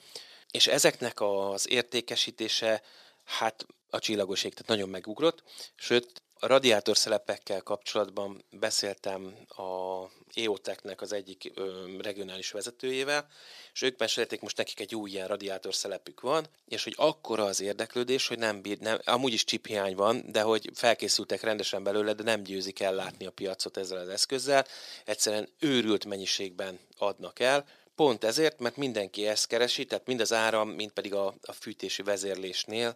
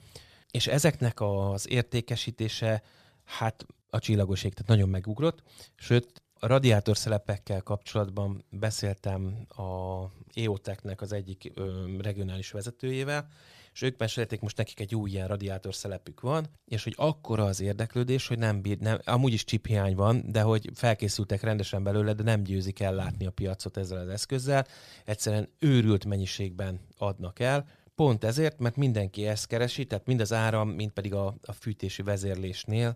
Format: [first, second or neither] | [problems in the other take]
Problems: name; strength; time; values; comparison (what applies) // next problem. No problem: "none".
second | thin; somewhat; fading below 300 Hz